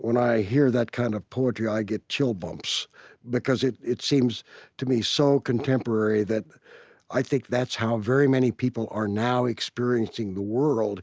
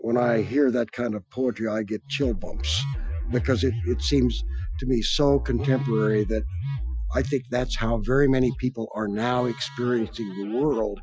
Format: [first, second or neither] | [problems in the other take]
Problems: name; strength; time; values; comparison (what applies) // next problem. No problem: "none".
first | noise reduction (classical method Wiener filter)